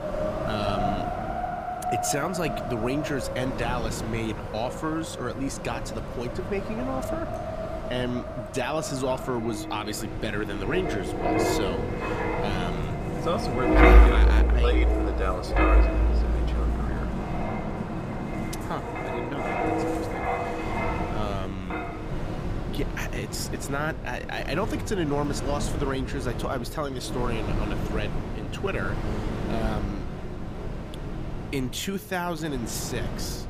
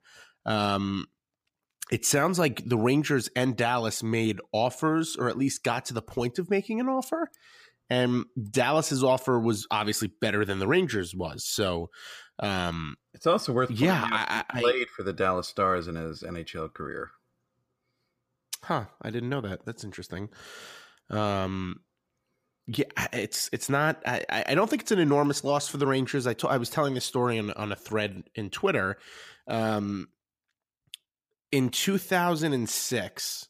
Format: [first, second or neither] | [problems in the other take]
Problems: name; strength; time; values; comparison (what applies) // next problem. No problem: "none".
second | wind in the background; very loud; throughout; 3 dB above the speech